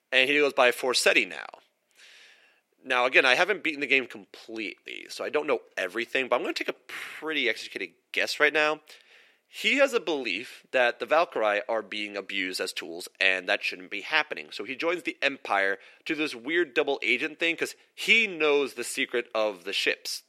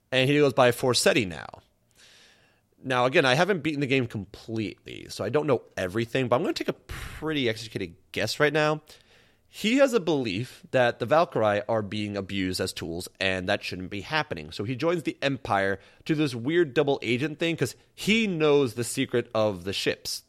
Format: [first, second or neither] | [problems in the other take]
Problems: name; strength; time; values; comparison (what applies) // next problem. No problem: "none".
second | thin; somewhat; fading below 300 Hz